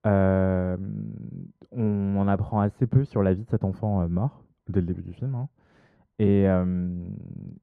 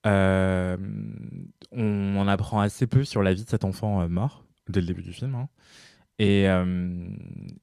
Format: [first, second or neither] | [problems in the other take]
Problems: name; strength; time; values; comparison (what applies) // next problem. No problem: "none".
second | muffled; very; fading above 2 kHz